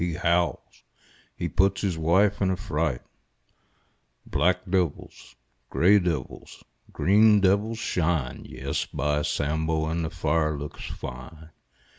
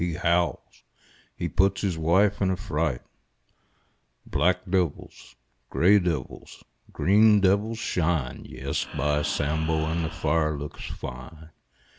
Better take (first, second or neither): first